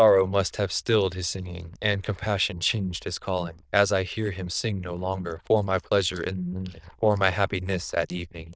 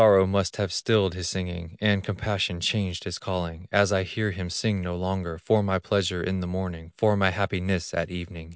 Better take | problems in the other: second | noise reduction (neural diffusion model UNIVERSE++)

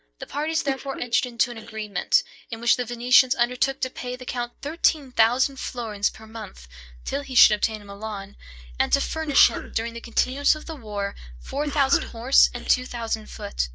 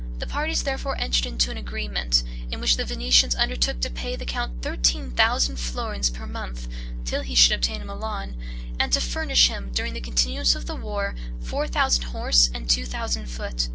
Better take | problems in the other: second | noise reduction (neural mask model DeepFilterNet 3)

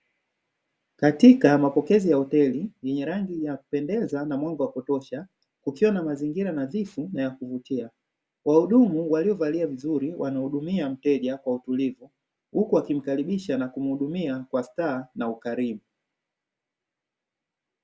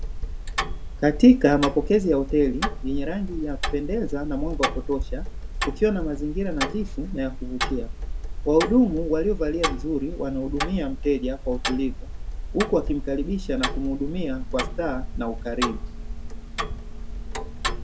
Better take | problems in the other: first | background sound (Tick-tock); 4 dB below the speech

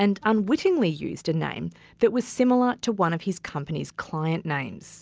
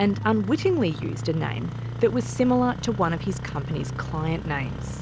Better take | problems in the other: first | background sound (Engine starting); 6 dB below the speech

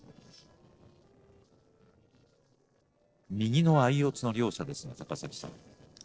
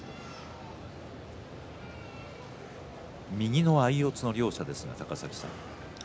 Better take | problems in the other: second | noise reduction (neural separator model SepFormer DNS4)

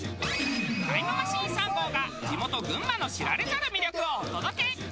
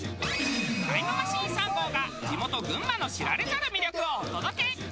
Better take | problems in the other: first | background sound (Hi-hat); 19 dB below the speech

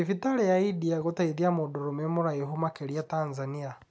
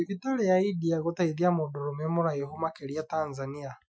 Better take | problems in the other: first | noise reduction (classical method Wiener filter)

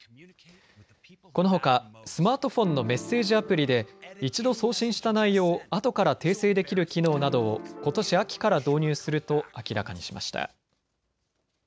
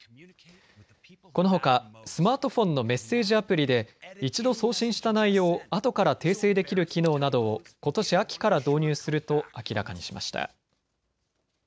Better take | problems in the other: second | background sound (Piano); 16 dB below the speech

